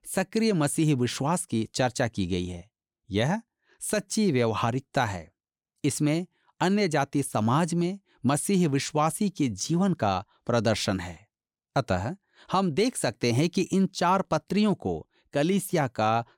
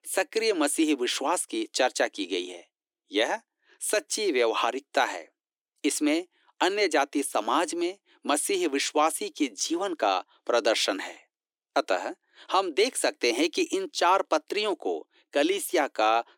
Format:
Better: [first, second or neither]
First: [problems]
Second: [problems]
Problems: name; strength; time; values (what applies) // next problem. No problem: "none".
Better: first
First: none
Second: thin; somewhat; fading below 300 Hz